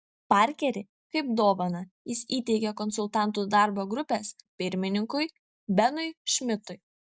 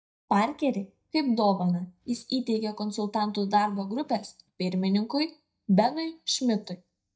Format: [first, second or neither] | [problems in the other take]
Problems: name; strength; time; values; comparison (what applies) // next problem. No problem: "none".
first | noise reduction (neural mask model DeepFilterNet 3)